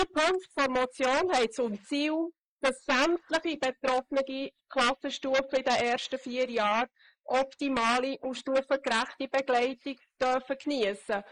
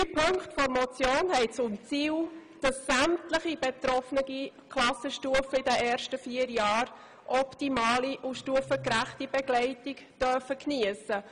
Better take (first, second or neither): second